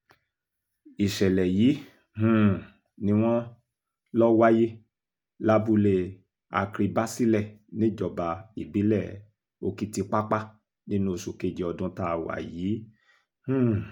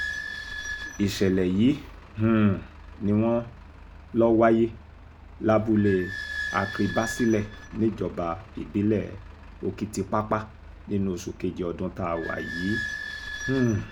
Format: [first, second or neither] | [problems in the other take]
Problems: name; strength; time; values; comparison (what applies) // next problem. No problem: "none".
first | background sound (Squeak / Idling); 12 dB below the speech